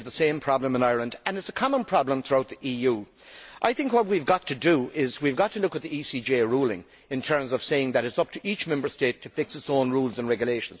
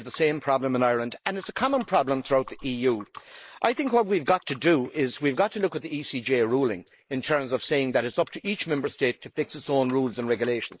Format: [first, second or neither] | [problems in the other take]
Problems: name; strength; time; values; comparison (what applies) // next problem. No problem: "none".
first | noise reduction (neural mask model Resemble Enhance denoiser)